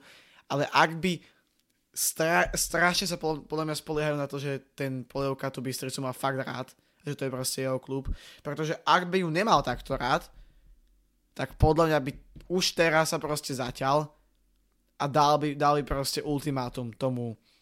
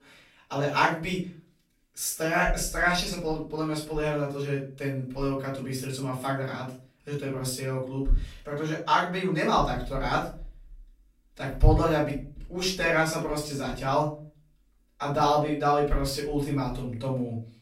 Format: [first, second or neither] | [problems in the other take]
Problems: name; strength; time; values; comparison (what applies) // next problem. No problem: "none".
first | room echo; slight; dies away in 0.3 s // off-mic speech; far